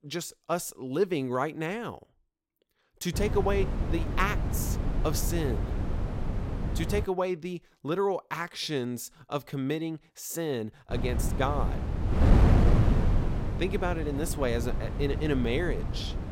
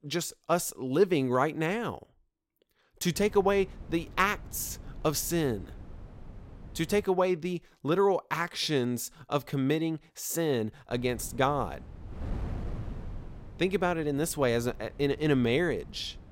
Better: second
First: wind noise on the microphone; heavy; from 3 to 7 s and from 11 s on; 5 dB below the speech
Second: wind noise on the microphone; occasional gusts; from 3 to 7 s and from 11 s on; 25 dB below the speech

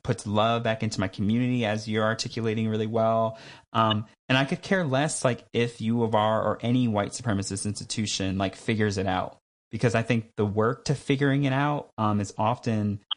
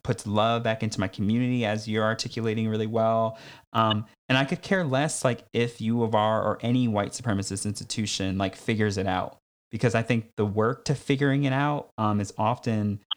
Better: second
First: garbled, watery; slightly; nothing above 9.5 kHz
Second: none

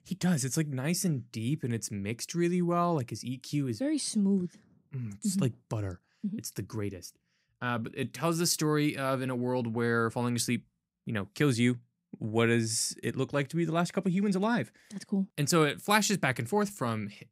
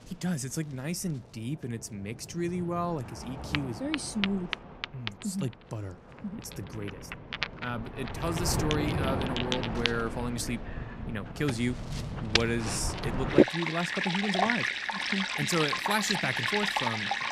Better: first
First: none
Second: rain or running water; very loud; throughout; 2 dB above the speech

